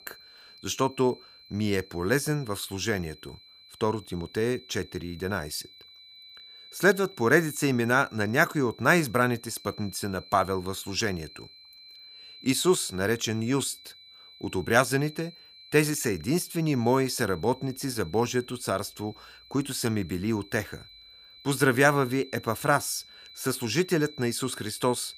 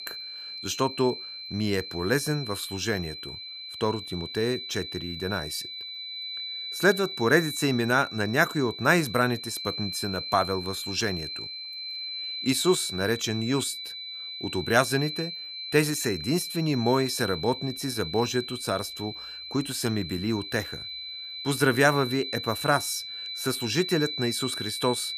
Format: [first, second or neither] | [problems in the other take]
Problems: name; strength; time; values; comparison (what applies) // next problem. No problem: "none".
first | high-pitched whine; loud; throughout; 4 kHz, 7 dB below the speech; faint in the first